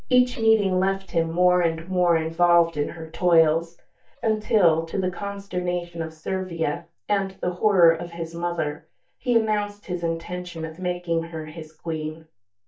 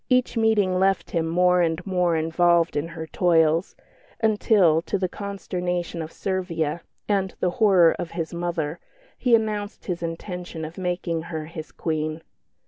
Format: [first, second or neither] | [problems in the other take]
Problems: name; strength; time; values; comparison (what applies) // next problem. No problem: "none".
second | noise reduction (neural mask model DeepFilterNet 3)